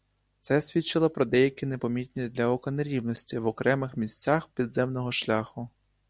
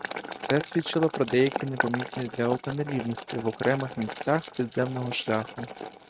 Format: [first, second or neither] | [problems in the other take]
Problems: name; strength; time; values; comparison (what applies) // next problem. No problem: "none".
first | noise reduction (neural mask model RNNoise)